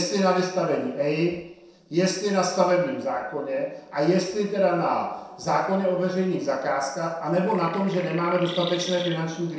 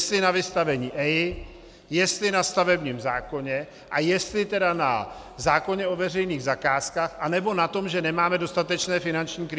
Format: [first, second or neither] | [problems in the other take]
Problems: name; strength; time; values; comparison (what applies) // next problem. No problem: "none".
second | noise reduction (neural separator model SepFormer DNS4)